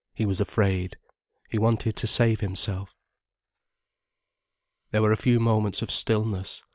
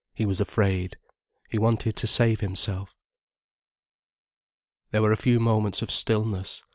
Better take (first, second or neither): second